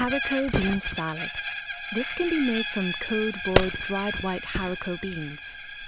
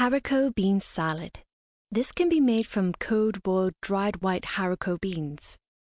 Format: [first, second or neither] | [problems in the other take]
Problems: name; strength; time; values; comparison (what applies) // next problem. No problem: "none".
second | background sound (Wood + Screech); 1 dB below the speech